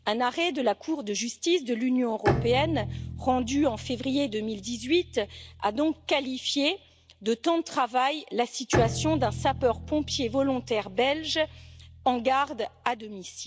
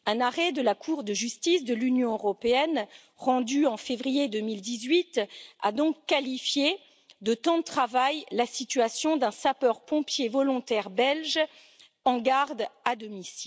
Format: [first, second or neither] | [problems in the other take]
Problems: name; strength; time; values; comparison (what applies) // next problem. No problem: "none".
second | background sound (Bowed string instrument); 9 dB below the speech